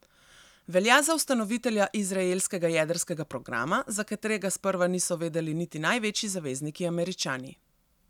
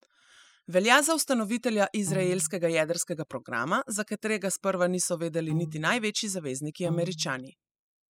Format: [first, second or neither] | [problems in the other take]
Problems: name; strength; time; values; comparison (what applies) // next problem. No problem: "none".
first | noise reduction (classical method spectral subtraction)